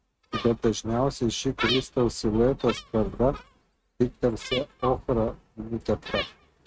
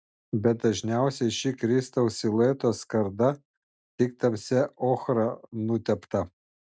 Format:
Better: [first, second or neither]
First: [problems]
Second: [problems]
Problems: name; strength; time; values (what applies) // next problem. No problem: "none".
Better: second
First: noise reduction (neural mask model RNNoise)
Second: none